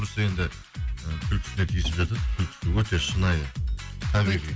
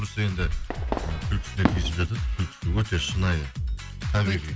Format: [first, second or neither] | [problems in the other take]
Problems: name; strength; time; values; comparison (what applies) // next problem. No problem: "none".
first | background sound (Fireworks); 6 dB below the speech